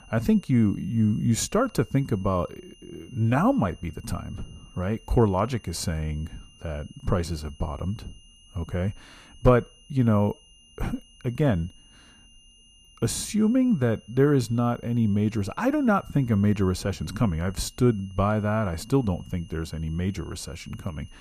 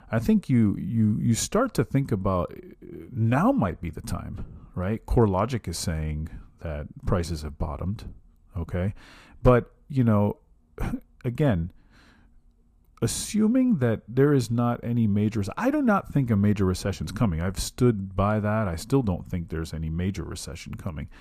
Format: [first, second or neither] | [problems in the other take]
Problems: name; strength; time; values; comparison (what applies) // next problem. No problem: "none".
second | high-pitched whine; faint; throughout; 3 kHz, 25 dB below the speech